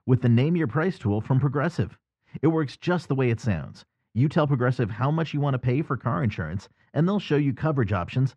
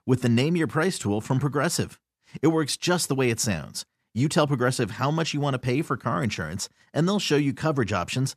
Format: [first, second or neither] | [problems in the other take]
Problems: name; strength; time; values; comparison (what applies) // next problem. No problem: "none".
second | muffled; very; fading above 2.5 kHz